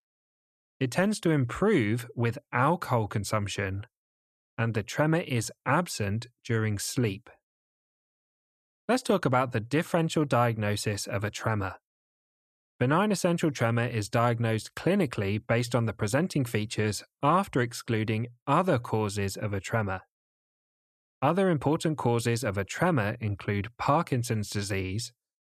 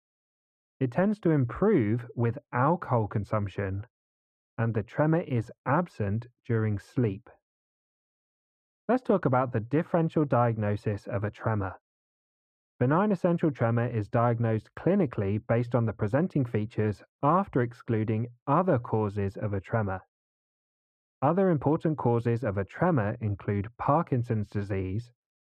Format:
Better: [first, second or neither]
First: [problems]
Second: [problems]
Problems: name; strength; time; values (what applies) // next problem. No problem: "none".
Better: first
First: none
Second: muffled; very; fading above 3 kHz